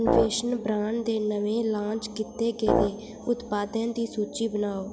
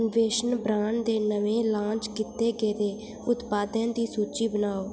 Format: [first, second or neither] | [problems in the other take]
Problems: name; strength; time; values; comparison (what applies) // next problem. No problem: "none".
second | background sound (Brass instrument); 1 dB below the speech